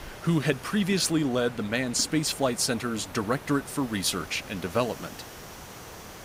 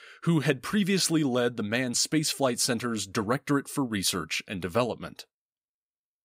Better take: second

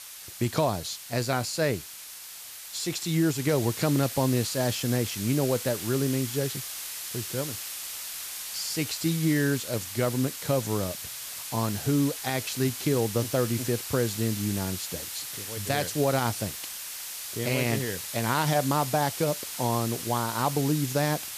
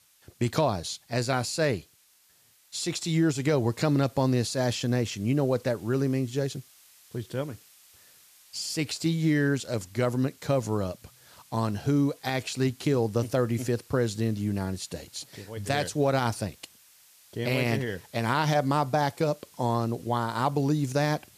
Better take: second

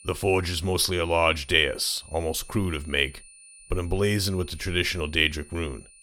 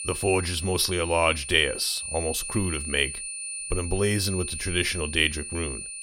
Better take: first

